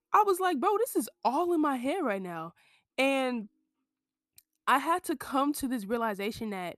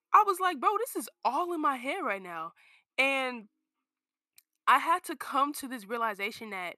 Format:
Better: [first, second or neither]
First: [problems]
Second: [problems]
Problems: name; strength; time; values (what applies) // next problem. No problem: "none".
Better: first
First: none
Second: thin; somewhat; fading below 450 Hz